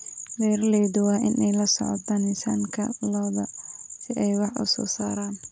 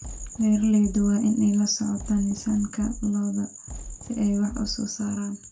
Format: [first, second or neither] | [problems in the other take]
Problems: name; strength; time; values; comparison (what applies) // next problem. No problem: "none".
first | background sound (Fireworks); 15 dB below the speech // room echo; dies away in 0.2 s